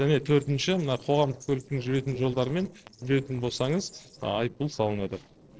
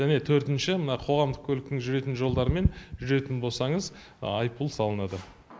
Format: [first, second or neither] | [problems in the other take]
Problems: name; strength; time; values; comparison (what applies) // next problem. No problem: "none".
second | noise reduction (neural separator model SepFormer DNS4)